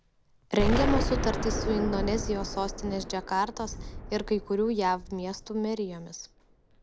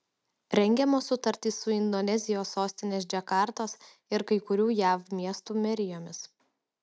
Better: second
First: background sound (Explosion); 3 dB below the speech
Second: none

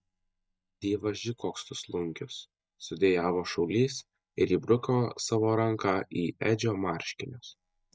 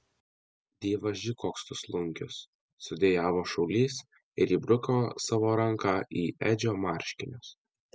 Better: second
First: noise reduction (neural mask model DeepFilterNet 3)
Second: none

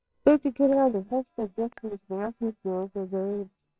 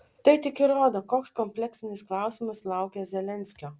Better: second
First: noise reduction (neural separator model SepFormer WHAMR!)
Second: none

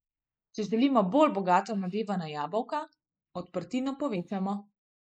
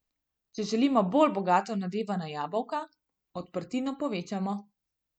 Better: second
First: noise reduction (neural mask model Resemble Enhance denoiser)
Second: none

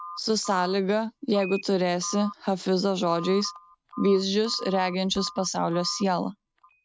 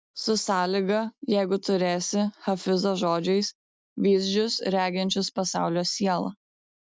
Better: second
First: noise reduction (neural mask model RNNoise)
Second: none

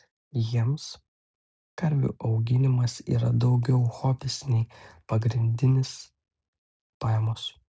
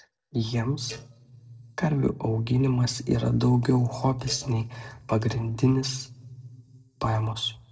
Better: first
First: none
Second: noise reduction (neural separator model SepFormer DNS4)

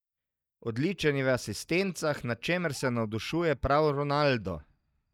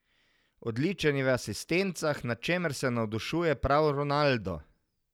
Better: second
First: noise reduction (neural mask model DeepFilterNet 3)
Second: none

